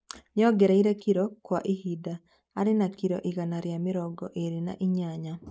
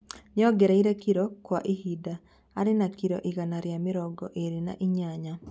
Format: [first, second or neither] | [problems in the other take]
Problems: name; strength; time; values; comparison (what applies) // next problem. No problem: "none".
second | noise reduction (neural mask model Resemble Enhance denoiser)